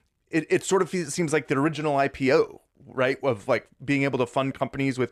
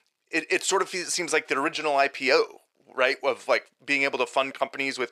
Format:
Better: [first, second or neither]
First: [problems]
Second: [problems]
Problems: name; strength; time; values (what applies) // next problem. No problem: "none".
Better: first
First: none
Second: thin; somewhat; fading below 500 Hz